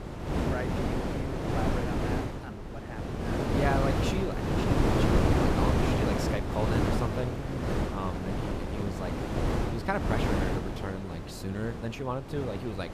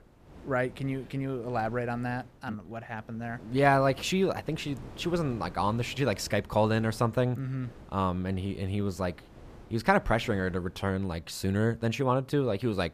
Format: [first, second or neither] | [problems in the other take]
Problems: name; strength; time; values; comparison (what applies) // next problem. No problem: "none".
second | wind noise on the microphone; heavy; 3 dB above the speech; occasional gusts in the second